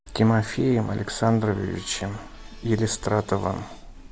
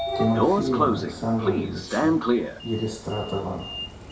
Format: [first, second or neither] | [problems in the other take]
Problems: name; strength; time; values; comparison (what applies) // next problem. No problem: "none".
first | background sound (Sliding door); 3 dB above the speech // room echo; dies away in 0.6 s